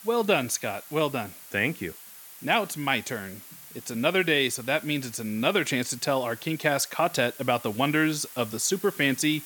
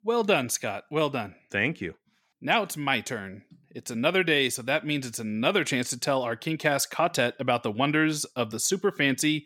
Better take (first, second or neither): second